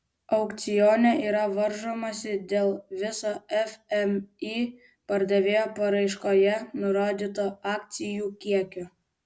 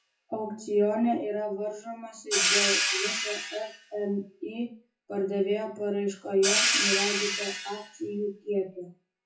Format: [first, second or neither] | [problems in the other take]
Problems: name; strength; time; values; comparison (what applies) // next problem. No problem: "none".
first | noise reduction (classical method WPE with log-MMSE)